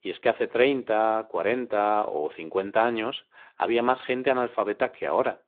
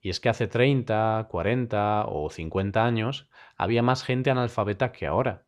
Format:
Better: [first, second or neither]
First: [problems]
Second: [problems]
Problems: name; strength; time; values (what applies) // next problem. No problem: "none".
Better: second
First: phone-call audio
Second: none